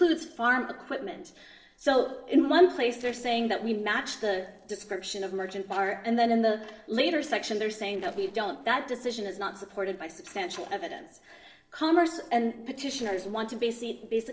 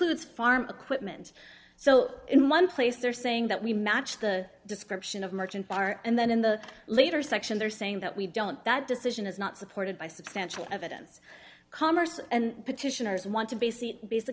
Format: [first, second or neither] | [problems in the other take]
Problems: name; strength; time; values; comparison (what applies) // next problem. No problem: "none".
second | noise reduction (neural separator model SepFormer DNS4)